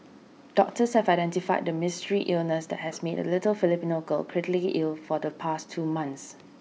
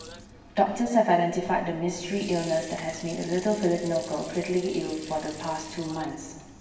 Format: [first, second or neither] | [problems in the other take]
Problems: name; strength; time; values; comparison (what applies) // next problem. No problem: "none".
first | background sound (Sink (filling or washing) / Water); 17 dB below the speech // room echo; dies away in 1.2 s